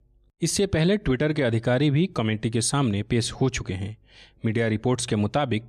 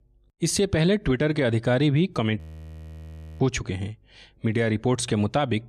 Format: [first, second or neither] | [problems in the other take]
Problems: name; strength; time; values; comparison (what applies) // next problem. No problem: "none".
first | audio freezing; at 2.5 s for 1 s